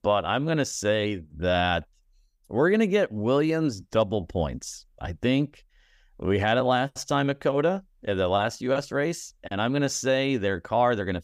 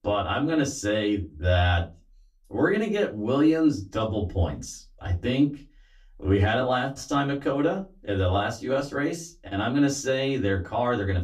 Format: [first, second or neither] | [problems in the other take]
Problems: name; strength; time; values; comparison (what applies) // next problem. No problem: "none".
first | off-mic speech; far // room echo; very slight; dies away in 0.2 s